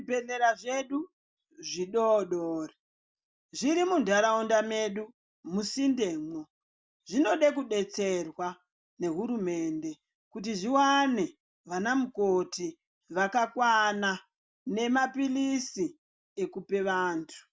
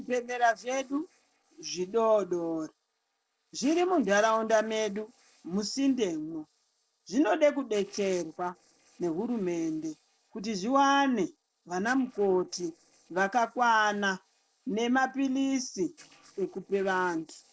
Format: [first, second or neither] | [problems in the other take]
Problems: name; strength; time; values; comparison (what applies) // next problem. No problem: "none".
first | noise reduction (neural separator model SepFormer DNS4)